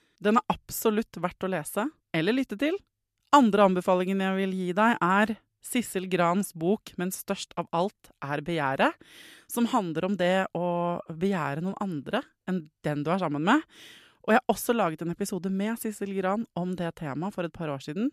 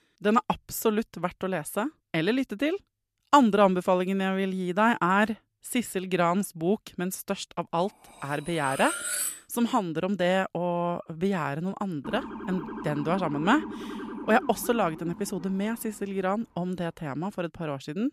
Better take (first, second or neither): first